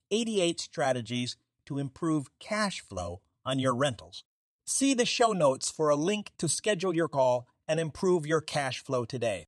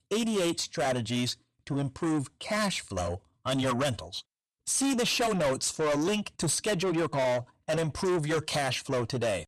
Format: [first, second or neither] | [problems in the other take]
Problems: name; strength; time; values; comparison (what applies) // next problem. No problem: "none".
first | distortion; heavy; 7 dB below the speech